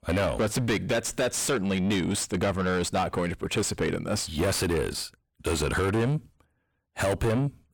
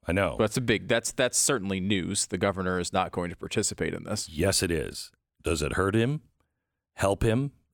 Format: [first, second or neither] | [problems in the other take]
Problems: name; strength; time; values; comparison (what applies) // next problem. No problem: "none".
second | distortion; heavy; 6 dB below the speech